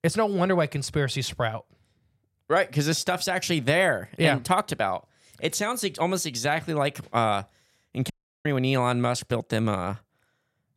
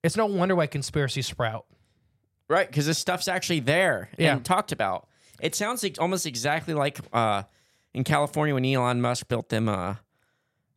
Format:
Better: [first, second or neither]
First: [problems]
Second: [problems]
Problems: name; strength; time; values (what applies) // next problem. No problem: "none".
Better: second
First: audio cutting out; at 8 s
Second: none